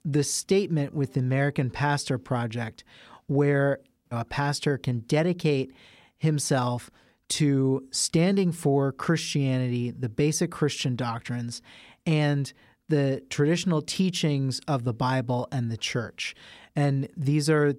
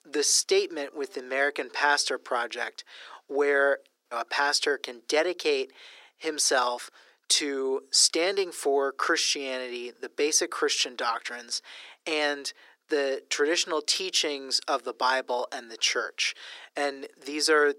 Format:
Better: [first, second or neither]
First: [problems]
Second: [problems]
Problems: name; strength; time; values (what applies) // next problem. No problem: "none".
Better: first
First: none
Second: thin; very; fading below 350 Hz